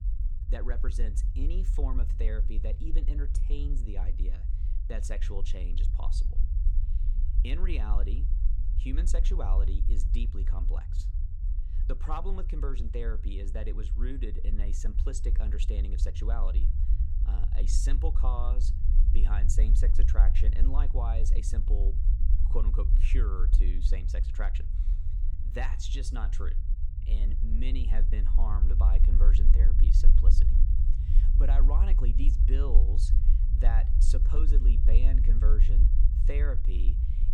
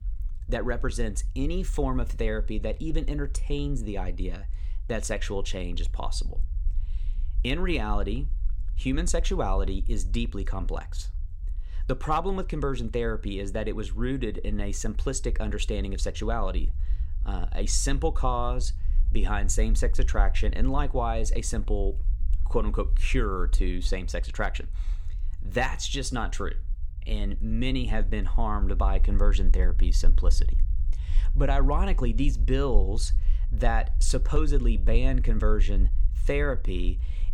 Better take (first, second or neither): second